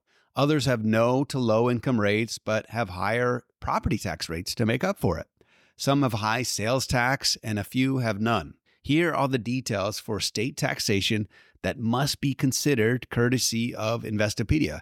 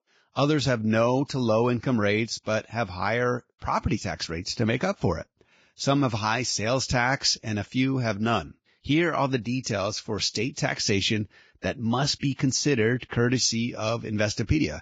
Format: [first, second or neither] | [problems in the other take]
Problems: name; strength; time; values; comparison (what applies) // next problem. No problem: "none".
first | garbled, watery; badly; nothing above 7.5 kHz